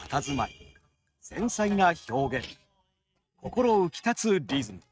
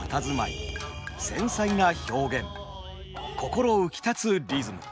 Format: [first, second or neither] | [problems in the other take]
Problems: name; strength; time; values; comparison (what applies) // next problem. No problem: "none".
second | noise reduction (neural mask model RNNoise)